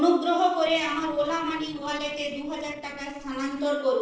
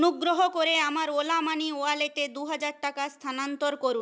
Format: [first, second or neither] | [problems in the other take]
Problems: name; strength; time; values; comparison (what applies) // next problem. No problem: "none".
second | noise reduction (neural separator model SepFormer DNS4)